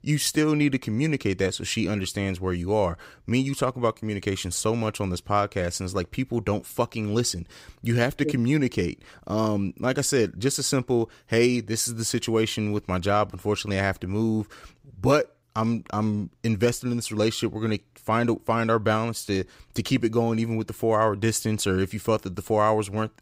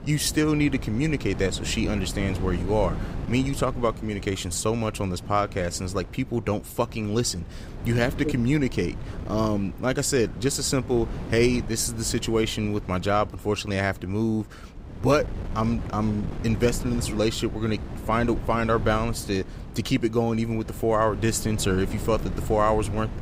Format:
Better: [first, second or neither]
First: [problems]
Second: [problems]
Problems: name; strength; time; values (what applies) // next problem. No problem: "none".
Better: first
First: none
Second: wind noise on the microphone; occasional gusts; 15 dB below the speech